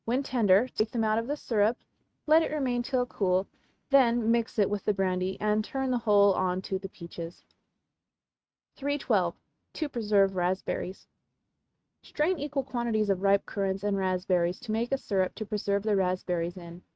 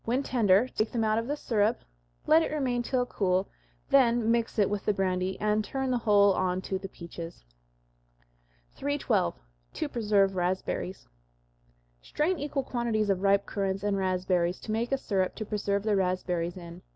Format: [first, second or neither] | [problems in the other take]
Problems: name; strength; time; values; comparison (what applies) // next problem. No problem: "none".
second | noise reduction (neural mask model RNNoise)